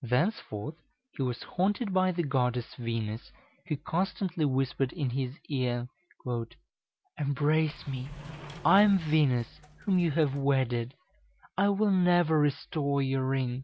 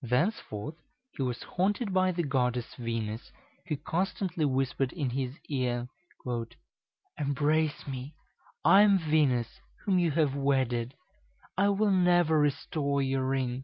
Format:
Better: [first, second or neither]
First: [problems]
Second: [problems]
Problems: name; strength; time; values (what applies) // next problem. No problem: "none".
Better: second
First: background sound (Sliding door); 17 dB below the speech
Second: none